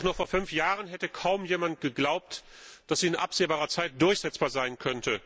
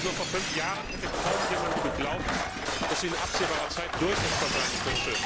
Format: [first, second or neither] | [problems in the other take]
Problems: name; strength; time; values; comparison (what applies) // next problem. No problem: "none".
first | background sound (Shatter); 3 dB above the speech